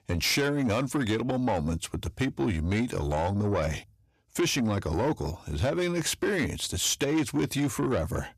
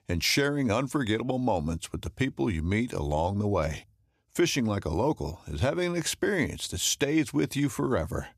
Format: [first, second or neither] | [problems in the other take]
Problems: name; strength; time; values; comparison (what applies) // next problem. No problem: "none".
second | distortion; slight; 10 dB below the speech